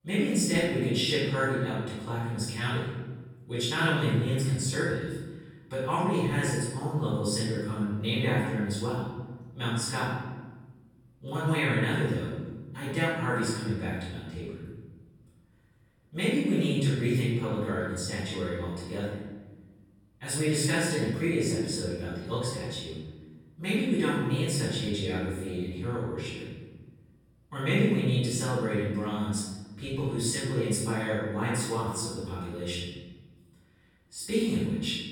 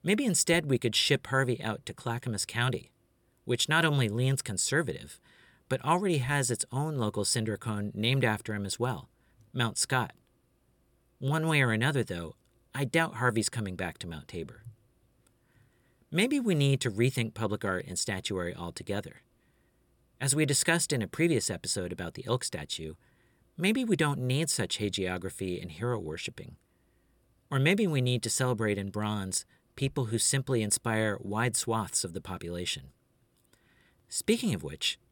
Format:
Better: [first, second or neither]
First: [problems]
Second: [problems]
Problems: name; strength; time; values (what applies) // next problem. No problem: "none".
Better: second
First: off-mic speech; far // room echo; strong; dies away in 1.3 s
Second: none